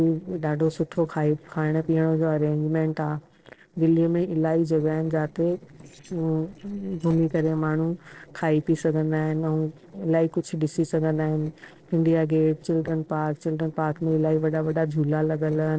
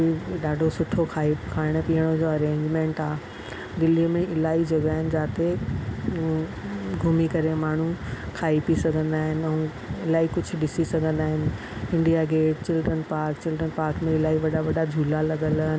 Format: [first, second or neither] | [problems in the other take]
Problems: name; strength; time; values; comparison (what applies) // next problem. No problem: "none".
second | noise reduction (neural separator model SepFormer DNS4)